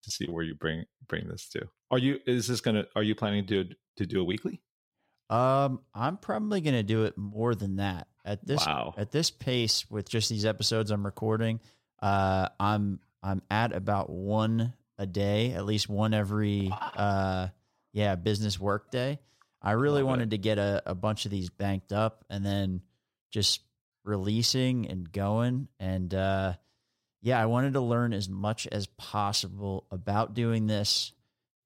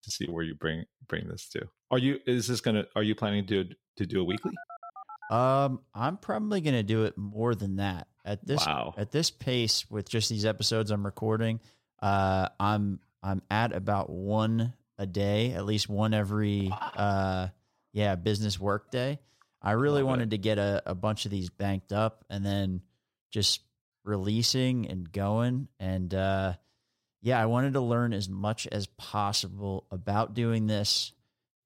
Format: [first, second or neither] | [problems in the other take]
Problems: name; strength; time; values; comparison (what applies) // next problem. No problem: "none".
first | phone ringing; faint; from 4.5 to 5.5 s; peak 15 dB below the speech